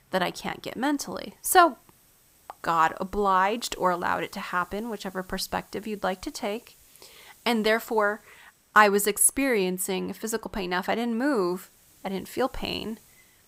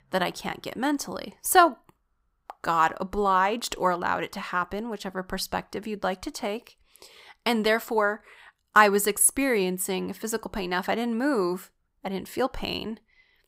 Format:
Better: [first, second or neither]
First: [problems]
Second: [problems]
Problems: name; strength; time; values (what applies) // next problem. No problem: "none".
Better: second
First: hiss; faint; throughout; 30 dB below the speech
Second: none